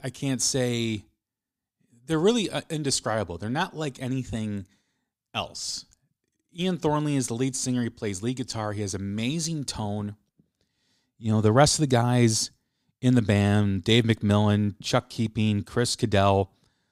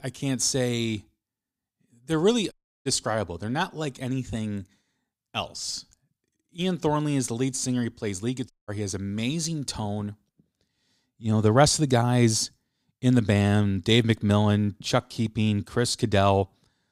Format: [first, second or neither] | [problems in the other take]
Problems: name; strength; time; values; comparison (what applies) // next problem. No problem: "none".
first | audio cutting out; at 2.5 s and at 8.5 s